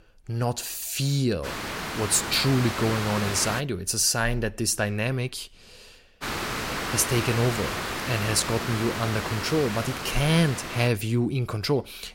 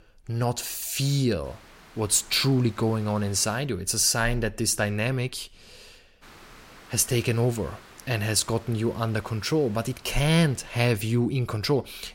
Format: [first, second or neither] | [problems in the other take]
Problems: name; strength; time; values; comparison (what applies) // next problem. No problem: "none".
second | hiss; loud; from 1.5 to 3.5 s and from 6 to 11 s; 5 dB below the speech; faint in the second